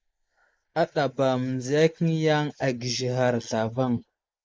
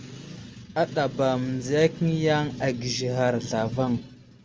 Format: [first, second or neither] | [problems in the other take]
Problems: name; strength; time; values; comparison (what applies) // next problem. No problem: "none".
second | noise reduction (neural mask model Resemble Enhance denoiser)